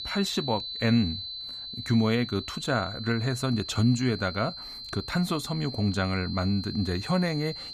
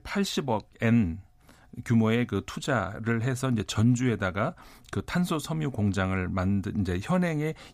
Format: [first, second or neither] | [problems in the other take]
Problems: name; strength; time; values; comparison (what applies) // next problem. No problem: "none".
second | high-pitched whine; loud; throughout; 4 kHz, 8 dB below the speech